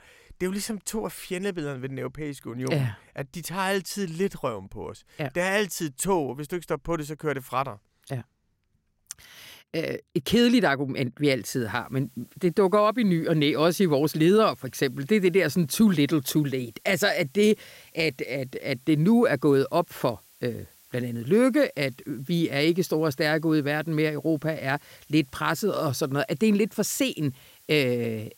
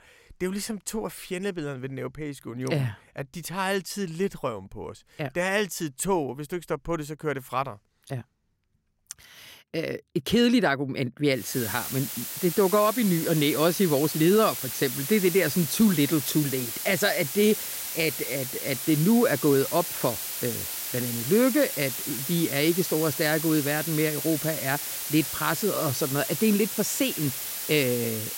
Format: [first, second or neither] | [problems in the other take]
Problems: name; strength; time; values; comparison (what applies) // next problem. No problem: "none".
first | hiss; loud; from 11 s on; 4 dB below the speech; faint in the first